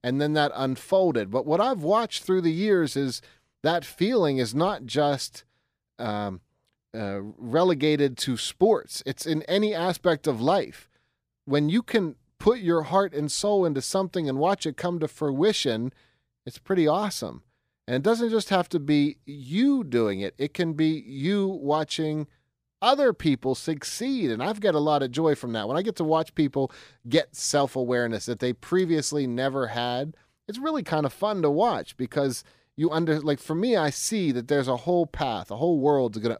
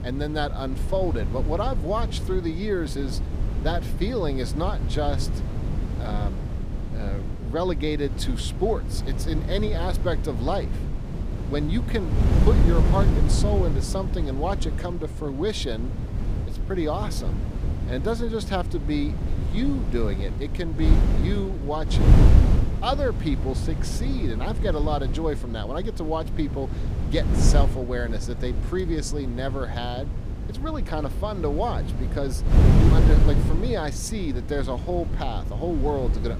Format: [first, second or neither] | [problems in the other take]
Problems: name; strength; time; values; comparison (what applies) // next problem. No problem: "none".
first | wind noise on the microphone; heavy; 7 dB below the speech